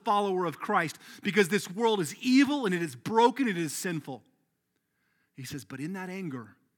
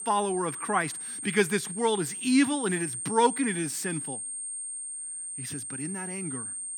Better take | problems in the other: first | high-pitched whine; loud; throughout; 8.5 kHz, 5 dB below the speech

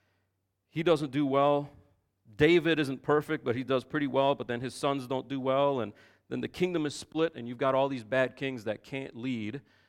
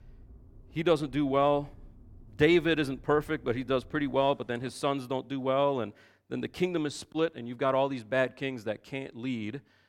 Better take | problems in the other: first | traffic noise; faint; until 4.5 s; 25 dB below the speech

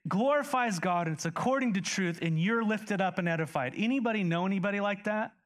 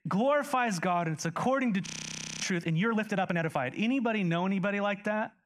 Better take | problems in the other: first | audio freezing; at 2 s for 0.5 s

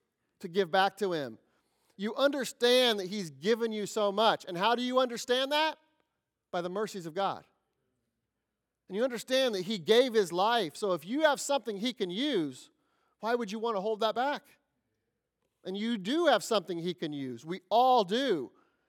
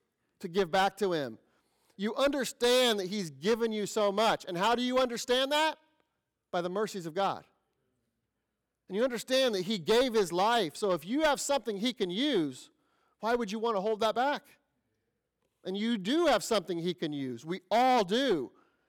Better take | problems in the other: first | distortion; slight; 5% of the sound clipped

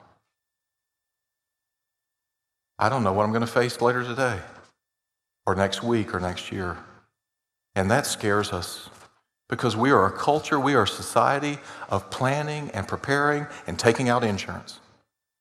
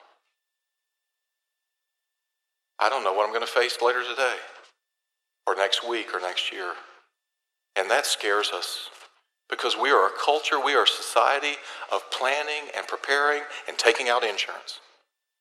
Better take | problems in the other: first | thin; very; fading below 350 Hz

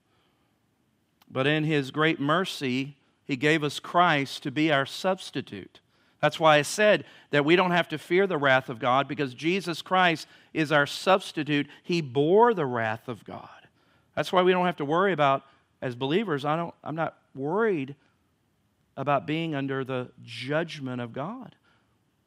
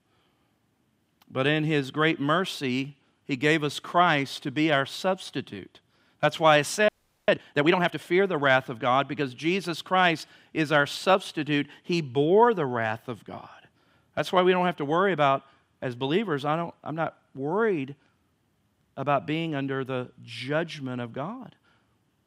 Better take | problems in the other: first | audio freezing; at 7 s

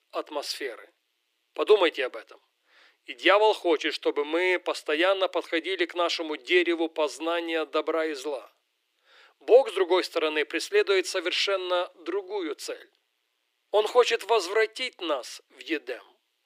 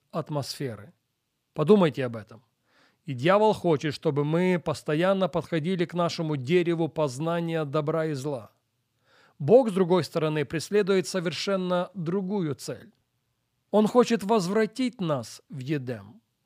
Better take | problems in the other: second | thin; very; fading below 300 Hz

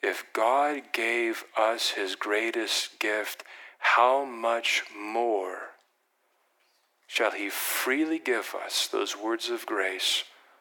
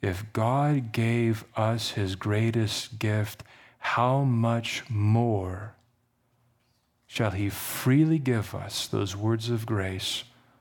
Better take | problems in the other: second | thin; very; fading below 350 Hz

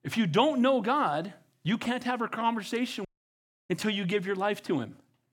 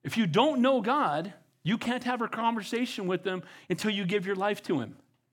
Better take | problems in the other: second | audio cutting out; at 3 s for 0.5 s

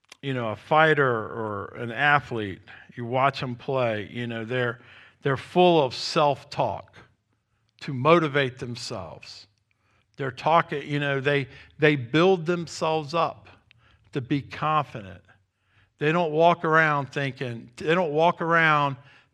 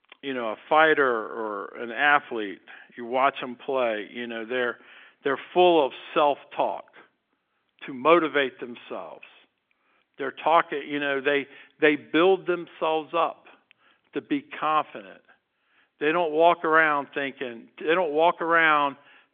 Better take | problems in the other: first | phone-call audio; nothing above 3.5 kHz

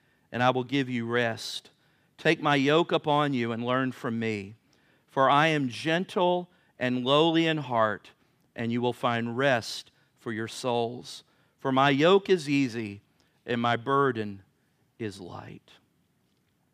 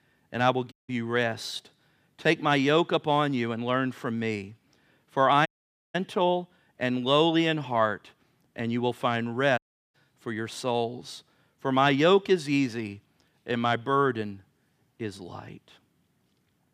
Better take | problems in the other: first | audio cutting out; at 0.5 s, at 5.5 s and at 9.5 s

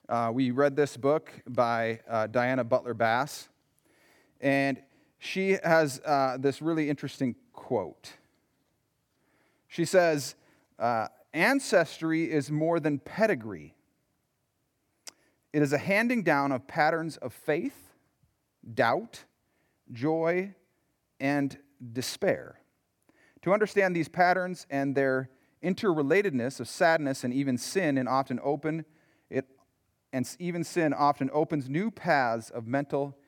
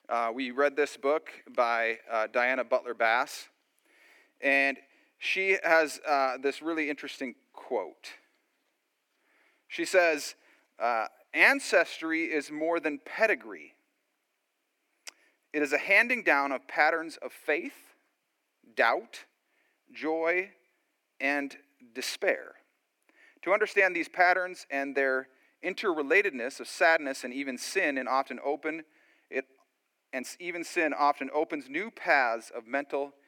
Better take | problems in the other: first | thin; somewhat; fading below 300 Hz

